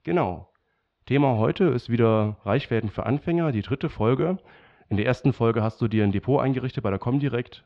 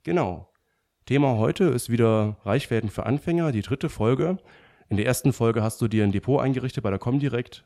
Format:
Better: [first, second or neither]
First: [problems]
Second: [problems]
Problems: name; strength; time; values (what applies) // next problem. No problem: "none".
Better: second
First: muffled; slightly; fading above 4 kHz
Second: none